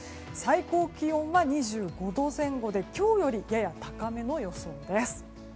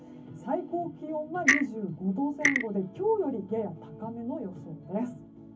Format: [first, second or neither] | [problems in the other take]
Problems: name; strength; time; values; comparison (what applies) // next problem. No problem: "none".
first | background sound (Clock); 1 dB above the speech // room echo; dies away in 0.3 s